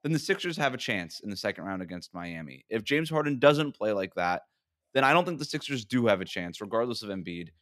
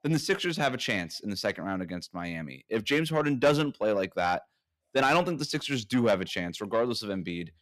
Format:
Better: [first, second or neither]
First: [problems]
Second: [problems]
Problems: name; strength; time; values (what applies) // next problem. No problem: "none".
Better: first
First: none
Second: distortion; slight; 10 dB below the speech